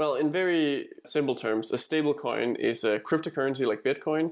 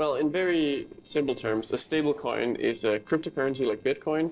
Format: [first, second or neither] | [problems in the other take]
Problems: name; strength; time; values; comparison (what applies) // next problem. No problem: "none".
first | noise reduction (neural separator model SepFormer DNS4)